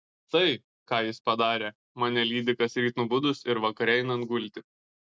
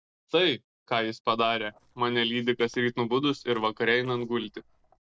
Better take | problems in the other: first | noise reduction (neural separator model SepFormer DNS4)

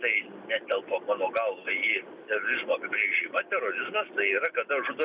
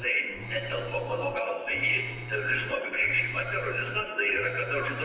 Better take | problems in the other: first | background sound (Telephone); 12 dB below the speech // room echo; dies away in 1.2 s

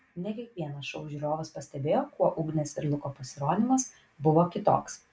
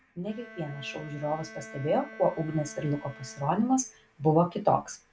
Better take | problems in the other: first | background sound (Bowed string instrument); 19 dB below the speech

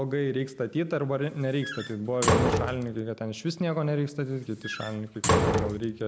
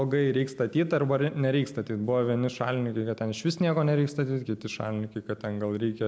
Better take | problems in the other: second | background sound (Slam); as loud as the speech

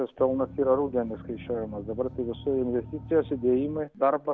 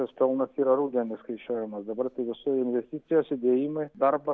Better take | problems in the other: second | background sound (Engine); 15 dB below the speech

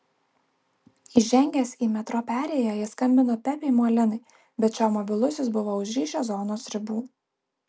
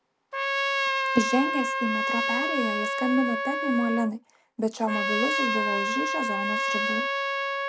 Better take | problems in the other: first | background sound (Trumpet); 2 dB above the speech

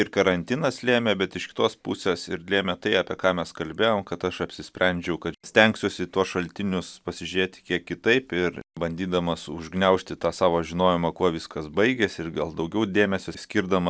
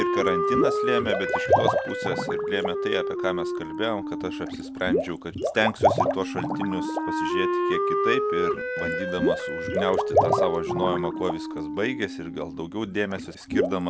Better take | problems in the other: first | background sound (Water / Liquid + Wind instrument, woodwind instrument); 4 dB above the speech

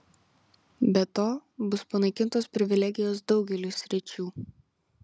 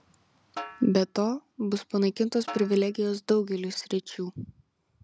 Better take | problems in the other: first | background sound (Snare drum); 17 dB below the speech

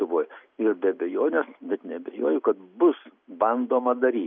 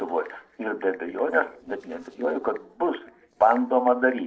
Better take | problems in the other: first | noise reduction (neural separator model SepFormer DNS4)

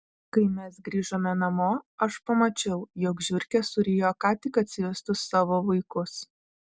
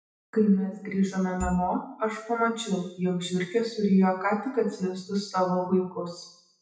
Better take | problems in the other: first | noise reduction (classical method WPE with log-MMSE)

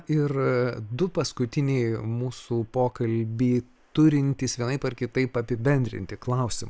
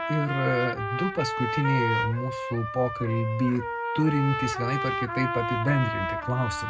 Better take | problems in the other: first | background sound (Trumpet); 3 dB below the speech // room echo; dies away in 0.3 s

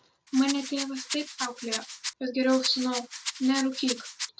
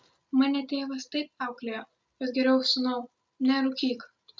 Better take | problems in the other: second | background sound (Rattle); 7 dB below the speech

